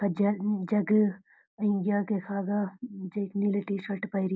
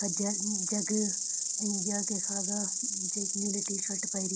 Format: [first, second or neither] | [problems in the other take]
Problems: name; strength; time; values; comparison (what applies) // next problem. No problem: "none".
first | background sound (Insect); 4 dB above the speech